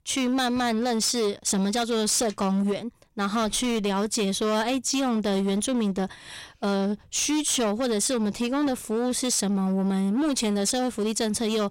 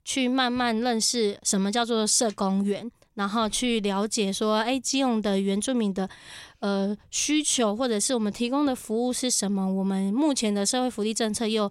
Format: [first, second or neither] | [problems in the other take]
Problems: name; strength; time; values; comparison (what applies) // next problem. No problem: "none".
second | distortion; slight; 19% of the sound clipped